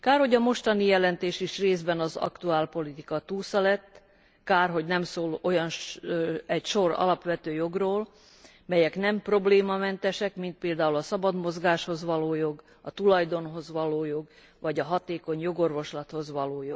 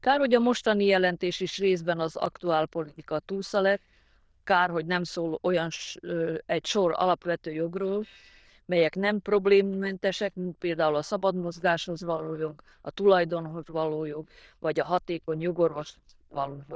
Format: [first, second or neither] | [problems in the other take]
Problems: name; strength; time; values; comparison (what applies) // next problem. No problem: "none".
first | noise reduction (neural diffusion model UNIVERSE++)